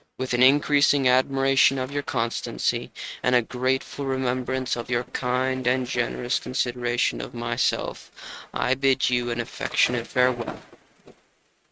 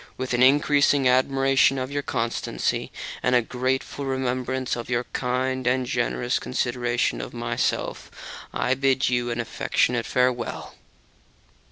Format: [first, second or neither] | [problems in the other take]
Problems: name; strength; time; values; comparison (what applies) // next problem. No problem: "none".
second | noise reduction (neural mask model RNNoise)